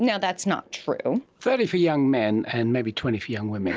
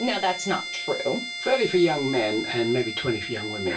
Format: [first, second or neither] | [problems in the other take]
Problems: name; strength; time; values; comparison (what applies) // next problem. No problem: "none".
first | background sound (Bowed string instrument); 8 dB below the speech // room echo; dies away in 0.2 s